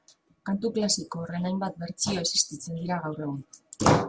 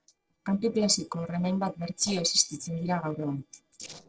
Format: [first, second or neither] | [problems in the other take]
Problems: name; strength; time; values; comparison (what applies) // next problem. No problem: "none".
first | noise reduction (neural separator model SepFormer DNS4)